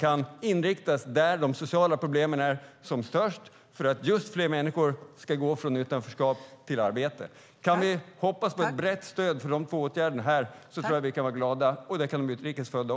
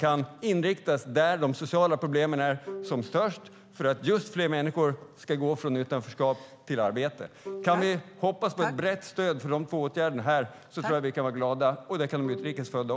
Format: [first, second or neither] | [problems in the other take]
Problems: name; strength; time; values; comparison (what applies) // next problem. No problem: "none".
first | background sound (Bowed string instrument); 20 dB below the speech